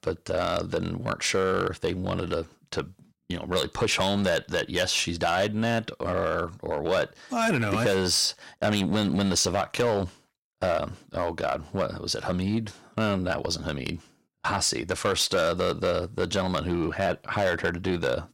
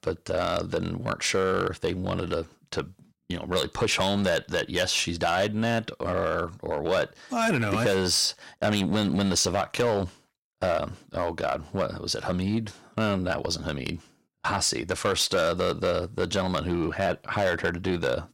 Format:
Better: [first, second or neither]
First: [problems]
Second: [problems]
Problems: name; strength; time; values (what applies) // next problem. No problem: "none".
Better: neither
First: distortion; slight; 5% of the sound clipped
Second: distortion; slight; 5% of the sound clipped